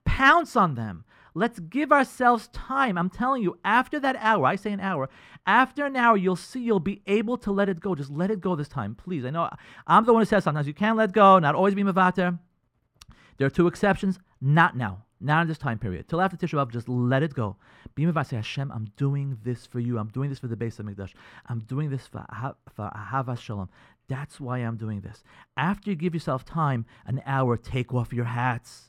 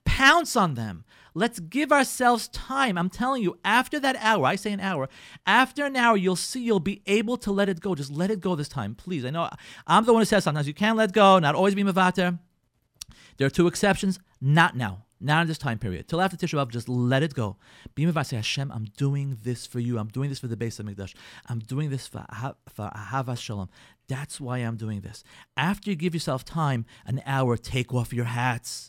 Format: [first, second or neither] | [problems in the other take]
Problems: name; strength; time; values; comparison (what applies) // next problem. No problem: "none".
second | muffled; slightly; fading above 3 kHz